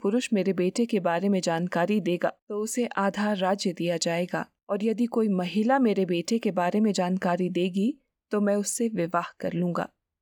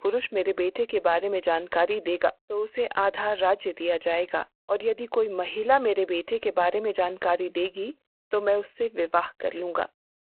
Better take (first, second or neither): first